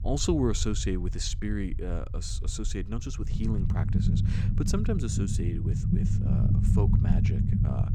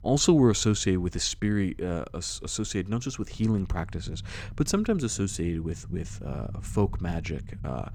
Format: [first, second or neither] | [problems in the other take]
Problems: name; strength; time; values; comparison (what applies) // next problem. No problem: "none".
second | low rumble; loud; throughout; 3 dB below the speech; faint in the second